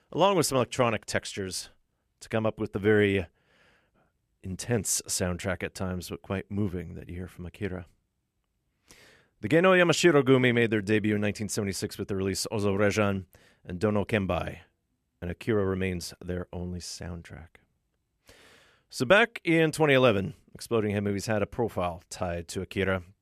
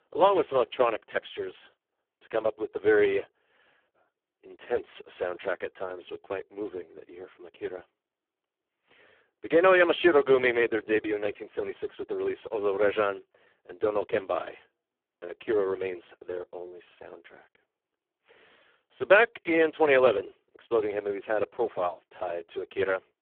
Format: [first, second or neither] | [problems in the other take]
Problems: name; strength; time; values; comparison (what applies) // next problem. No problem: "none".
first | phone-call audio; poor line